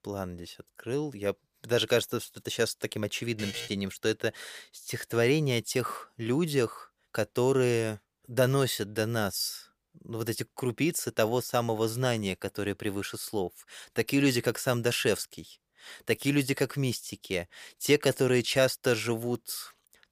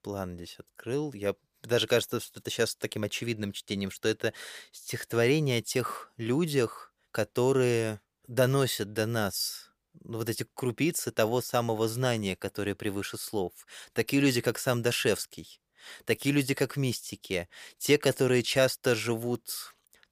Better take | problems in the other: second | alarm; noticeable; at 3.5 s; peak 8 dB below the speech

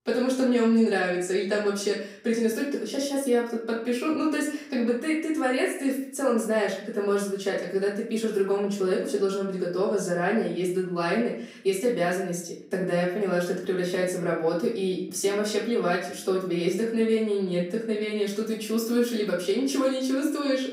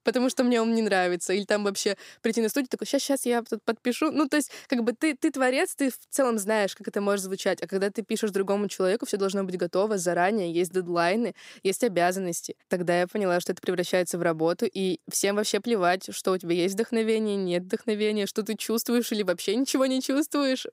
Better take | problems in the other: second | room echo; noticeable; dies away in 0.5 s // off-mic speech; far

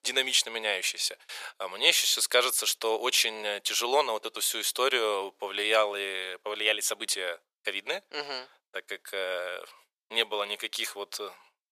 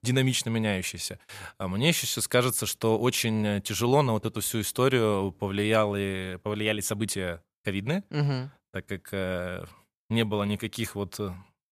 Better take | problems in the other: second | thin; very; fading below 450 Hz

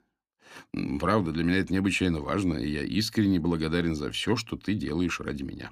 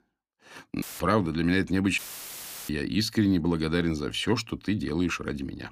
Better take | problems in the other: first | audio cutting out; filled with static; at 1 s and at 2 s for 0.5 s

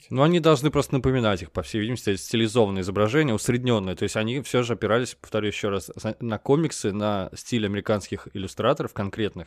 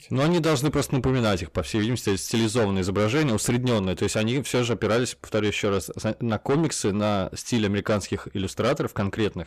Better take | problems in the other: first | distortion; heavy; 7 dB below the speech

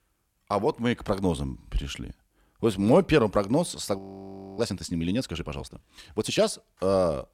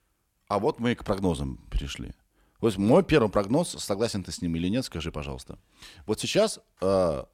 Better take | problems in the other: second | audio freezing; at 4 s for 0.5 s

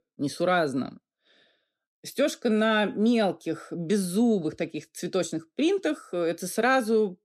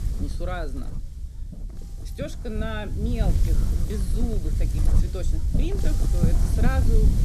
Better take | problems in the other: first | wind noise on the microphone; heavy; 4 dB below the speech

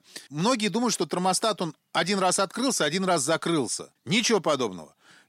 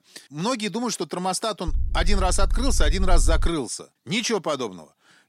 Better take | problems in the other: first | low rumble; faint; from 1.5 to 3.5 s; 25 dB below the speech

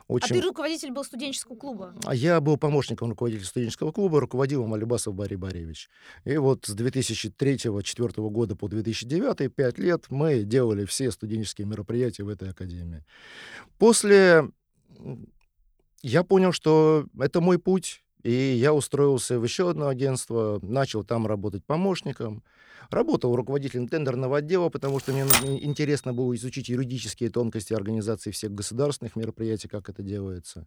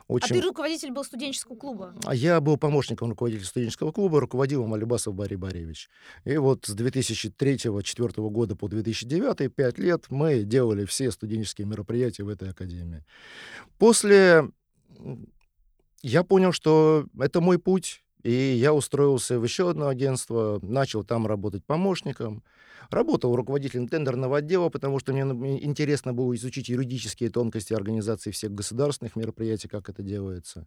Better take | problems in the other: second | keyboard typing; loud; at 25 s; peak 5 dB above the speech

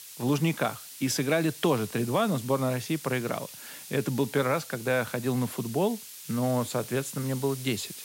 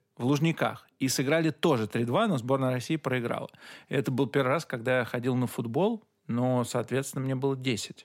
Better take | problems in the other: second | hiss; noticeable; throughout; 15 dB below the speech

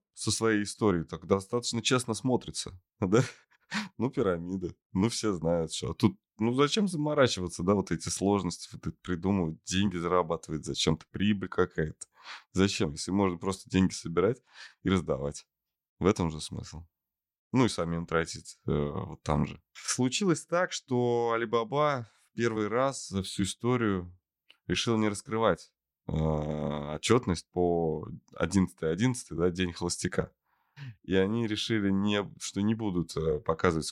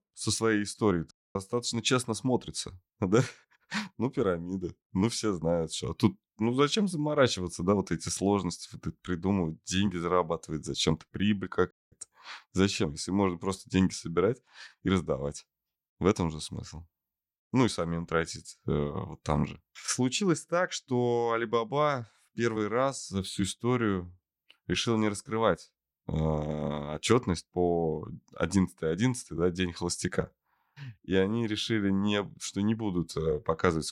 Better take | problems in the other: first | audio cutting out; at 1 s and at 12 s

